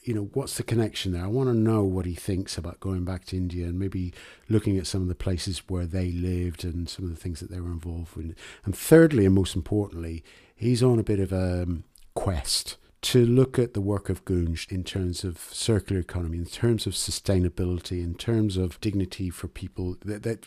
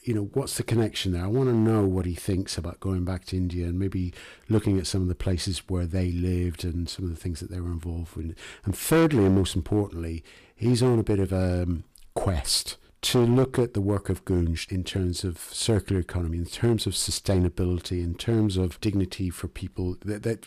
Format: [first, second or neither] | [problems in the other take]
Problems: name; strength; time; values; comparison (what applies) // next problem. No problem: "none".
first | distortion; slight; 3% of the sound clipped